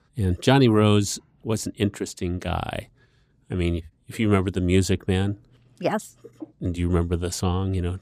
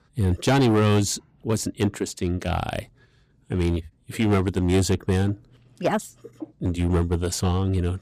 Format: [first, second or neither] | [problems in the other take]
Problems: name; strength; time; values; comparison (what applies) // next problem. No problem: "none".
first | distortion; slight; 6% of the sound clipped